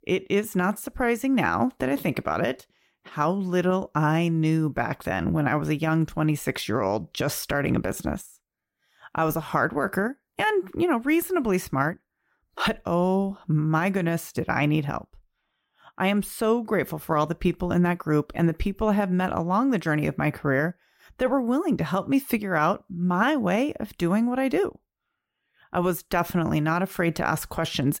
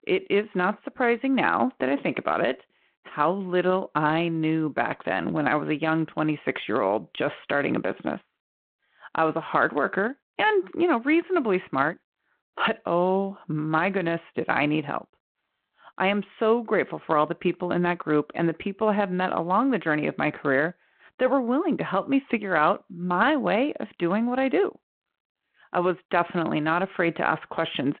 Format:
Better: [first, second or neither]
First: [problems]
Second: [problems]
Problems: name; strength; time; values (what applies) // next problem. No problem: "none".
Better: first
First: none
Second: phone-call audio